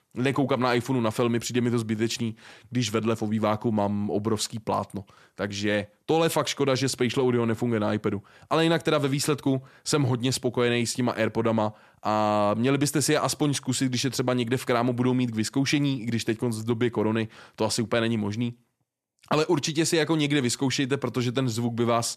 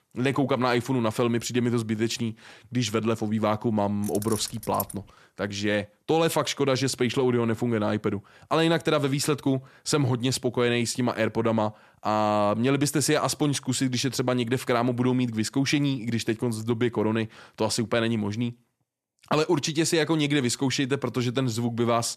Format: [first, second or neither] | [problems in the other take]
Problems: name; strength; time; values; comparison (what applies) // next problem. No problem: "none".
first | jangling keys; noticeable; at 4 s; peak 9 dB below the speech